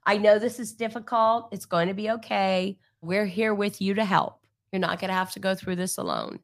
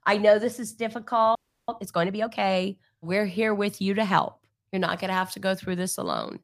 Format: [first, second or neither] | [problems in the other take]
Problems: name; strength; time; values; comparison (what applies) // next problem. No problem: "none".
first | audio freezing; at 1.5 s